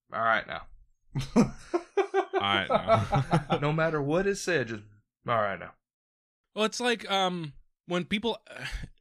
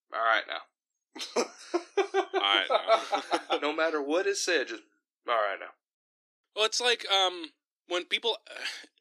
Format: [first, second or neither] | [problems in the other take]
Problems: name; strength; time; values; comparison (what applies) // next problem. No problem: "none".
first | thin; very; fading below 300 Hz